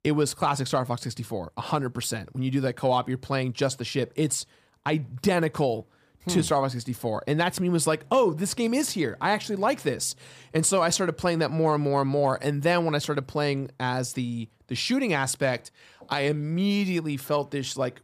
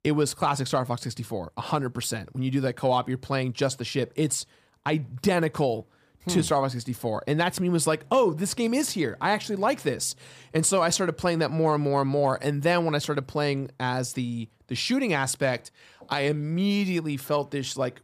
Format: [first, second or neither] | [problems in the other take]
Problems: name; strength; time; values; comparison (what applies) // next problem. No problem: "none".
neither | none